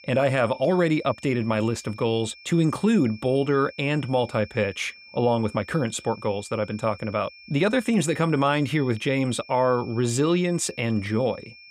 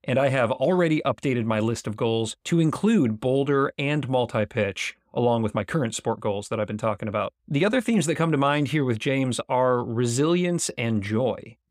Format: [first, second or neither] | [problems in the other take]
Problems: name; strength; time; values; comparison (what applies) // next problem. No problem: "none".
second | high-pitched whine; faint; throughout; 2.5 kHz, 20 dB below the speech